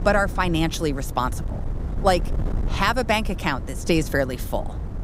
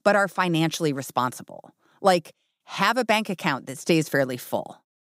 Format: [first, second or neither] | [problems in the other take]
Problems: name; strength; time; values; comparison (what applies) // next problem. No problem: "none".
second | wind noise on the microphone; occasional gusts; 20 dB below the speech